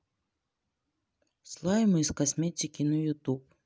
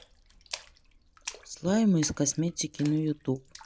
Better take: first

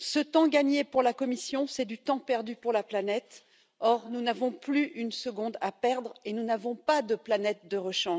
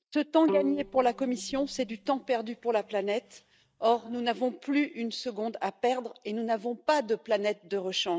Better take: first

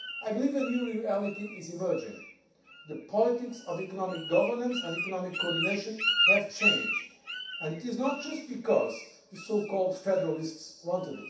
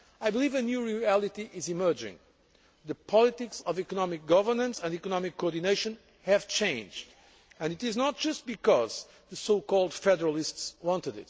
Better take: second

